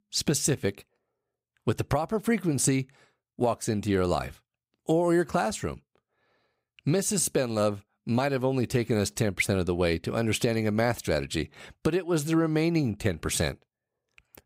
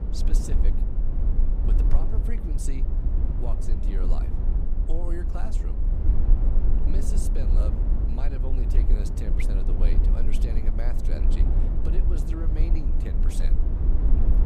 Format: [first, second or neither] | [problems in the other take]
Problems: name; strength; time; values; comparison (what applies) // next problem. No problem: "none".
first | low rumble; loud; throughout; as loud as the speech